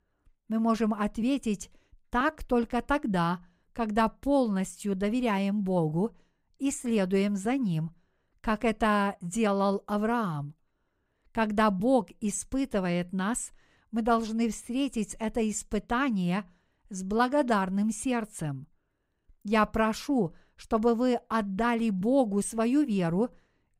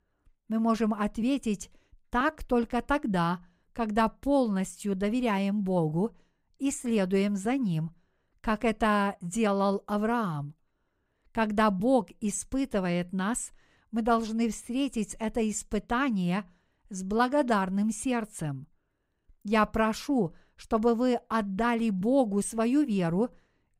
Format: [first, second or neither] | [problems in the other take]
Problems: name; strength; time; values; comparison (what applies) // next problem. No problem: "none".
neither | none